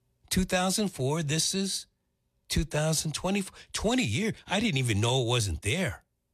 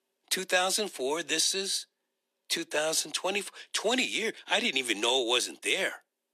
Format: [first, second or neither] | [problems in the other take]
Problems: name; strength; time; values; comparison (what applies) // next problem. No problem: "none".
first | thin; somewhat; fading below 300 Hz